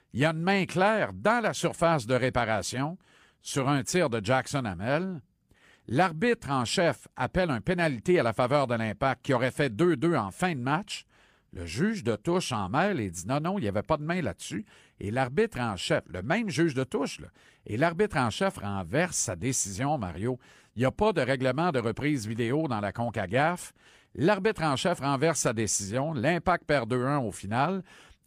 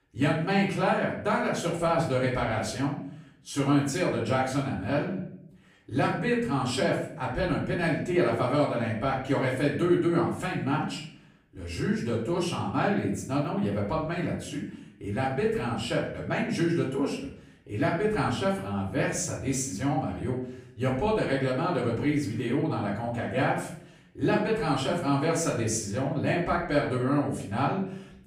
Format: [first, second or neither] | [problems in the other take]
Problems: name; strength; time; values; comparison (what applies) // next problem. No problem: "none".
first | off-mic speech; far // room echo; slight; dies away in 0.6 s